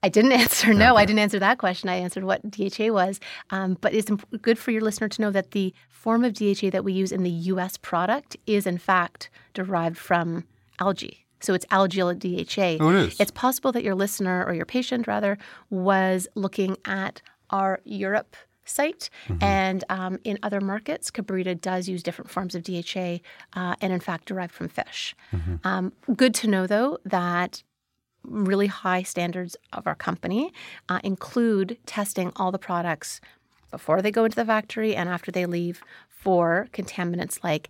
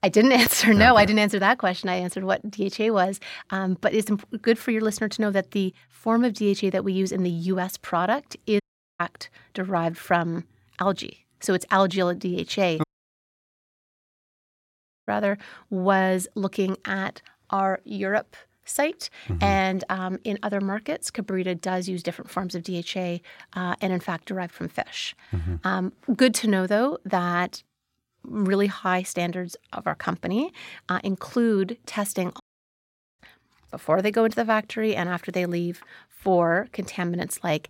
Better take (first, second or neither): first